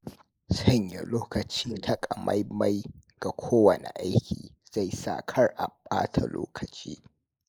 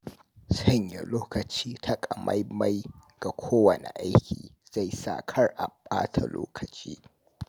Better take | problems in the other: second | noise reduction (neural mask model Resemble Enhance denoiser)

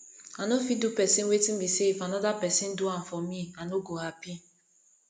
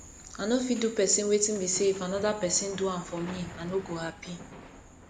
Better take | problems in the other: first | background sound (Hammer); 17 dB below the speech

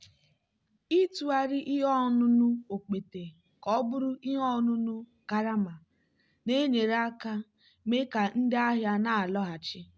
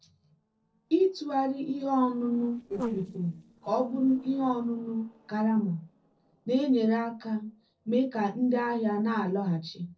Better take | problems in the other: first | noise reduction (neural separator model SepFormer DNS4)

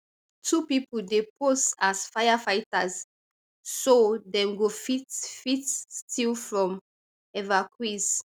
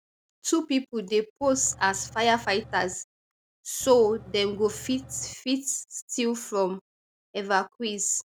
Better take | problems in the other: first | background sound (Engine / Truck / Car); 18 dB below the speech

